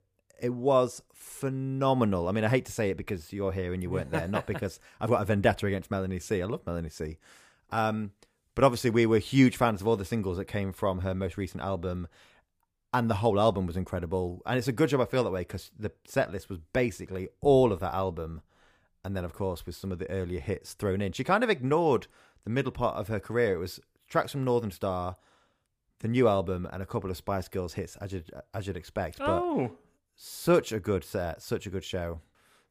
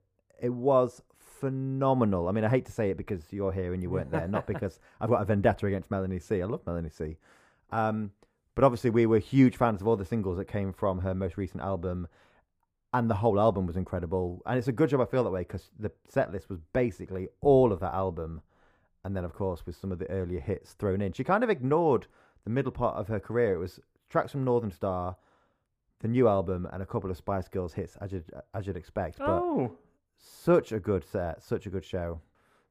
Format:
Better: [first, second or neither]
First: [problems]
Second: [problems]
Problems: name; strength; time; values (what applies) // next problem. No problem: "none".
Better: first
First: none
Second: muffled; slightly; fading above 2 kHz